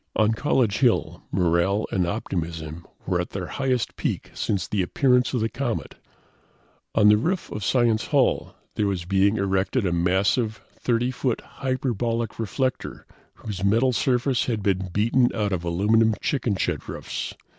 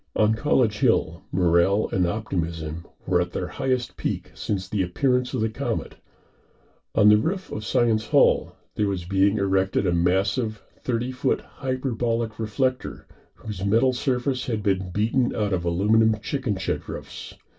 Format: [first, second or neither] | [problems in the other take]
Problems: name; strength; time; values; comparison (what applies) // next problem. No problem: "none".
first | room echo; dies away in 0.2 s